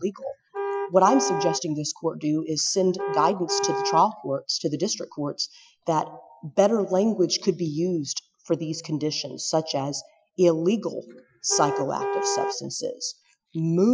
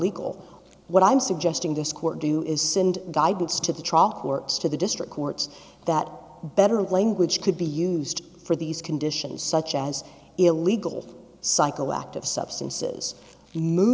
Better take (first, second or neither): second